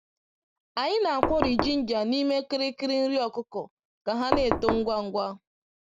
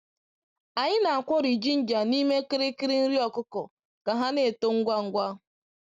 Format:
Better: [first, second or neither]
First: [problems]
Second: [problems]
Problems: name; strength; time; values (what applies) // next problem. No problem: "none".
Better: second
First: background sound (Knock); 1 dB below the speech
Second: none